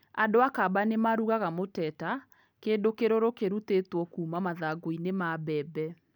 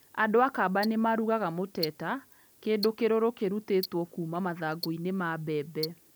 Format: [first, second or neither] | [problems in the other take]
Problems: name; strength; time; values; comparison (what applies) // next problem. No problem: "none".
first | background sound (Tick-tock); 16 dB below the speech